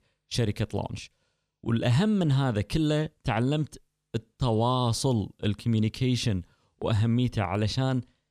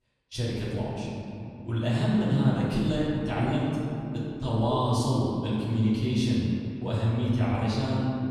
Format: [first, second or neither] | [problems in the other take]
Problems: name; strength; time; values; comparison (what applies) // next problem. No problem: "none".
first | off-mic speech; far // room echo; strong; dies away in 2.7 s